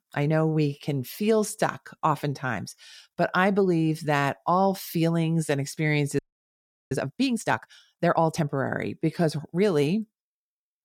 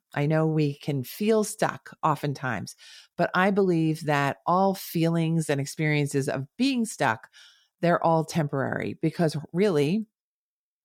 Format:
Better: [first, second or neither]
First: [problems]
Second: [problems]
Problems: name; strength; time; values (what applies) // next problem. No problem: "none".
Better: second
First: audio freezing; at 6 s for 0.5 s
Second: none